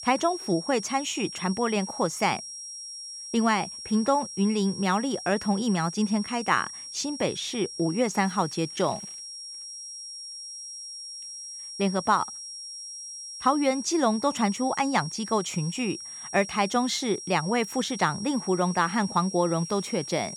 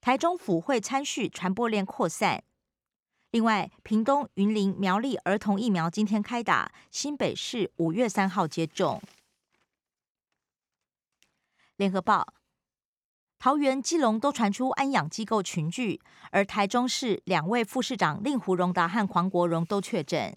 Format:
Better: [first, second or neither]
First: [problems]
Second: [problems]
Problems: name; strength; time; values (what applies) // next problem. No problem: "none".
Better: second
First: high-pitched whine; loud; throughout; 5.5 kHz, 10 dB below the speech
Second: none